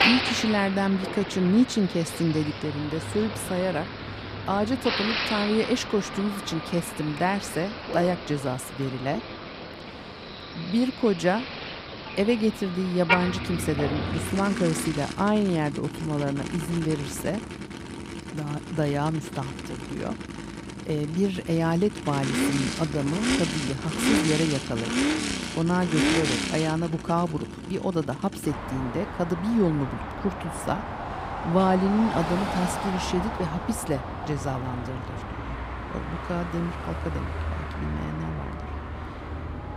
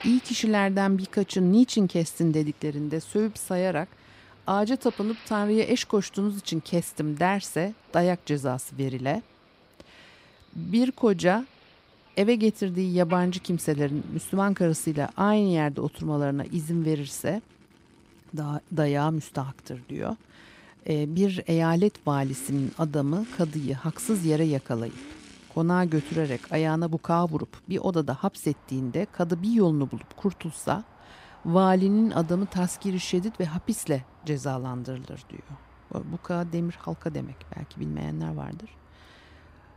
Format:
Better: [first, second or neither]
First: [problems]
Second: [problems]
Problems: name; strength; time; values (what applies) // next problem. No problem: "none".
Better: second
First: traffic noise; loud; throughout; 4 dB below the speech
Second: traffic noise; faint; throughout; 25 dB below the speech